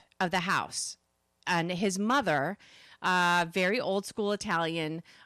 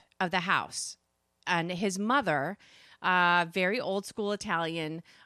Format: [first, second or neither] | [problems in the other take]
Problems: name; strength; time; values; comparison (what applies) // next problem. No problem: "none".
second | distortion; slight; 3% of the sound clipped